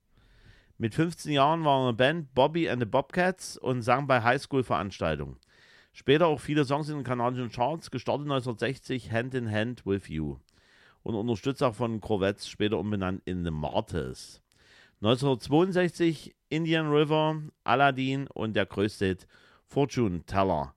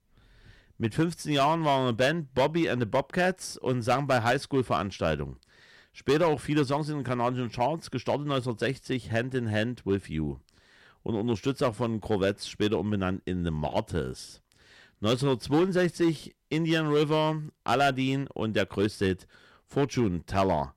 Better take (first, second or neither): first